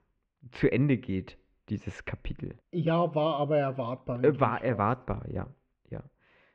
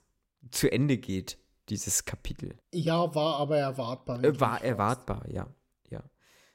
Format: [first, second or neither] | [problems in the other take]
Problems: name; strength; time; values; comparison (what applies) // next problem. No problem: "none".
second | muffled; very; fading above 2.5 kHz